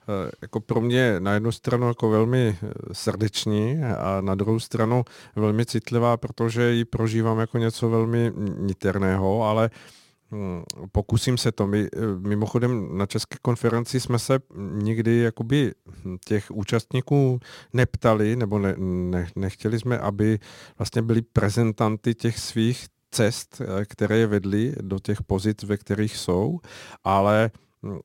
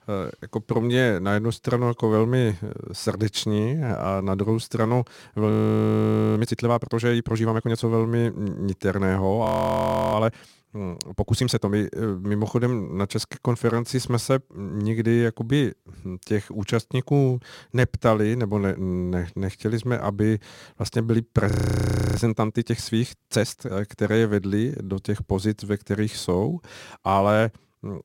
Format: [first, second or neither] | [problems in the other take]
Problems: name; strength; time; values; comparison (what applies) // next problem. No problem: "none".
first | audio freezing; at 5.5 s for 1 s, at 9.5 s for 0.5 s and at 22 s for 0.5 s